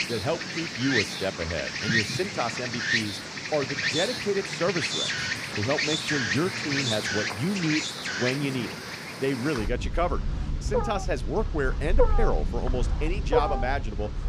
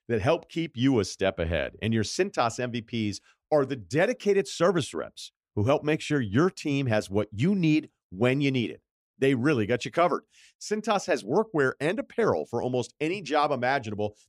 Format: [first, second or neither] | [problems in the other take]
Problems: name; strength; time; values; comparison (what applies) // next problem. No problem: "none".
second | animal sounds; very loud; throughout; 1 dB above the speech